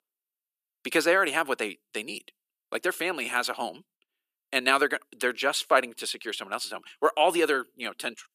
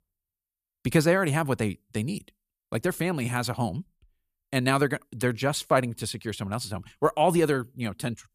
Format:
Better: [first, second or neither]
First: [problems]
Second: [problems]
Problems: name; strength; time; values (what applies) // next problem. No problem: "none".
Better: second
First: thin; very; fading below 300 Hz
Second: none